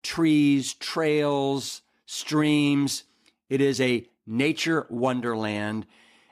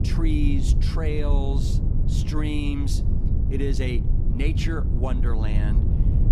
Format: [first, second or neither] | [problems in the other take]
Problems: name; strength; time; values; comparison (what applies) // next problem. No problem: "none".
first | low rumble; loud; throughout; 5 dB below the speech